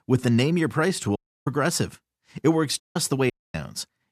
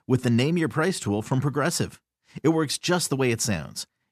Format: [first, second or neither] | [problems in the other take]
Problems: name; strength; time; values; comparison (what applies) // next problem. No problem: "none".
second | audio cutting out; at 1 s, at 3 s and at 3.5 s